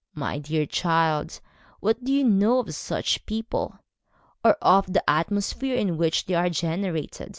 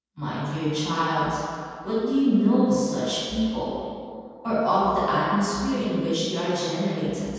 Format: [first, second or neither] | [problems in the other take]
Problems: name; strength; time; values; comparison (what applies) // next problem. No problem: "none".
first | room echo; dies away in 2.1 s